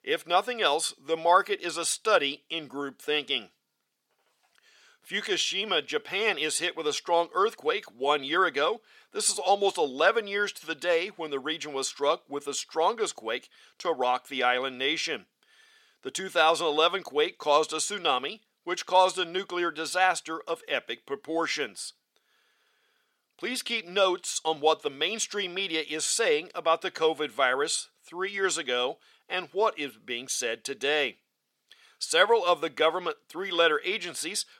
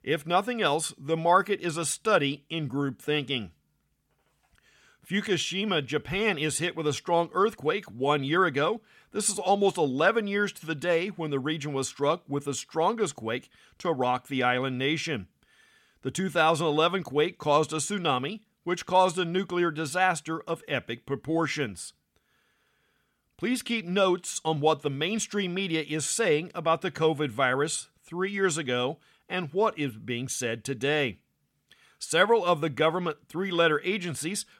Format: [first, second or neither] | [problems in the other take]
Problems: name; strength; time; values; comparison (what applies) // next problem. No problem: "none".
second | thin; somewhat; fading below 500 Hz